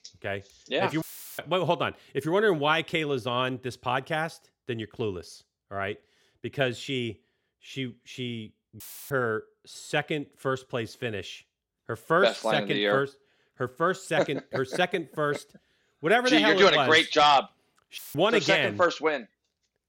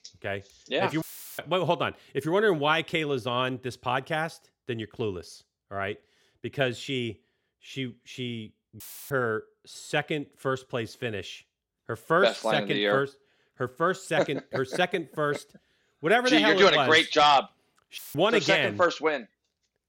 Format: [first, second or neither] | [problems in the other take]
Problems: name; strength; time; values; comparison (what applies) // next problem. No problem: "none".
neither | audio cutting out; filled with static; at 1 s, at 9 s and at 18 s; the same in both